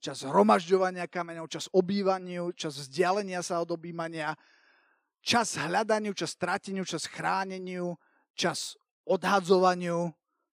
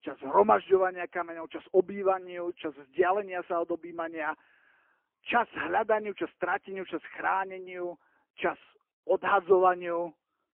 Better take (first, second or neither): first